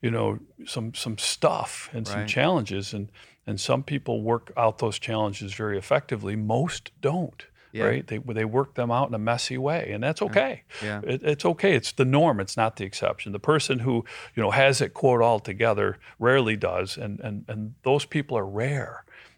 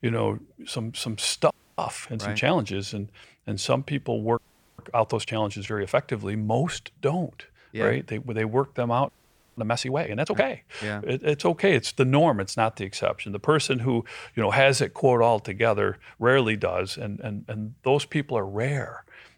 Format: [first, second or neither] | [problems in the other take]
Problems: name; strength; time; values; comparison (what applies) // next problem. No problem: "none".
first | audio freezing; at 1.5 s, at 4.5 s and at 9 s